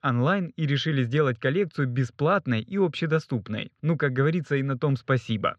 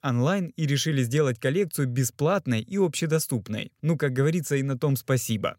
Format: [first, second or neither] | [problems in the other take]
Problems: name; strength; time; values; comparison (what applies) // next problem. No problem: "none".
second | muffled; very; fading above 4 kHz